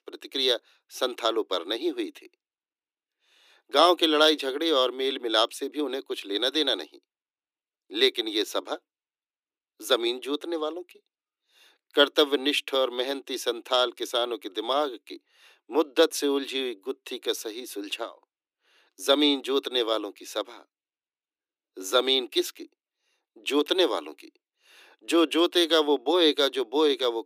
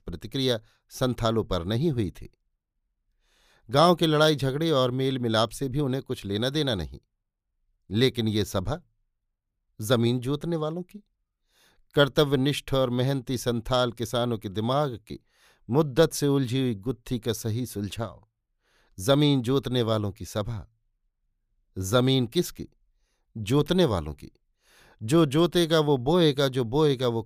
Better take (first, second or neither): second